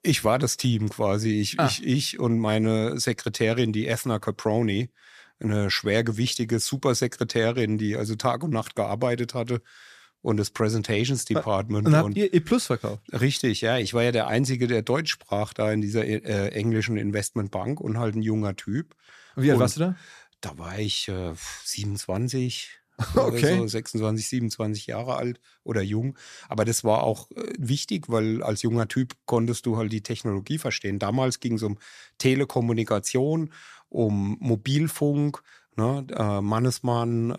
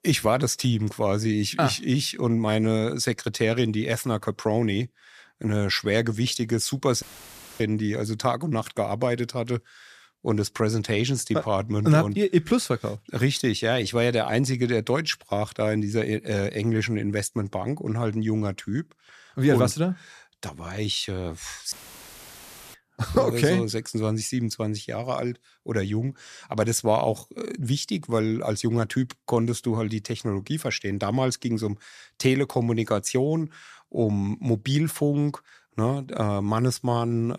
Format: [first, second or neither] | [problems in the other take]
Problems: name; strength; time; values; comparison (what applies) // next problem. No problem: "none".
first | audio cutting out; filled with static; at 7 s for 0.5 s and at 22 s for 1 s